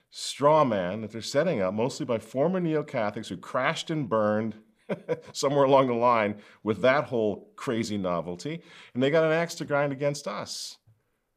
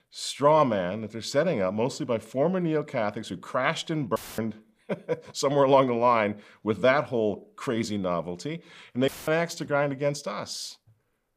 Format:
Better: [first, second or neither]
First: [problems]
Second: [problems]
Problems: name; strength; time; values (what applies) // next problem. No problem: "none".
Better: first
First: none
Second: audio cutting out; filled with static; at 4 s and at 9 s